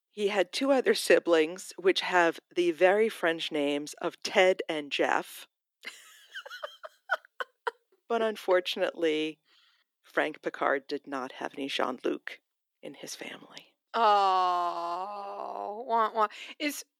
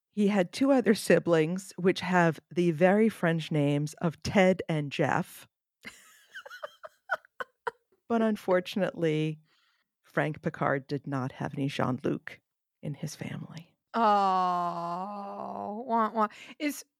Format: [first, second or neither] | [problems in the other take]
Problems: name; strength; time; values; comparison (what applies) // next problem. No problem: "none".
second | thin; somewhat; fading below 350 Hz